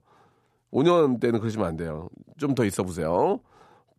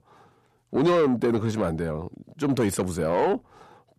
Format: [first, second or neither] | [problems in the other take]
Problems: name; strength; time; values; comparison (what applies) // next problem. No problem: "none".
first | distortion; slight; 10 dB below the speech